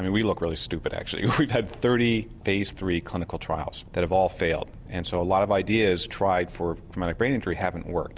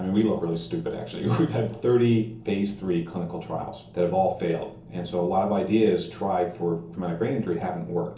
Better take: first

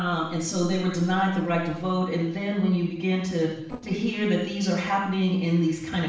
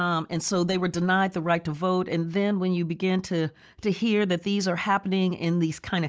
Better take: second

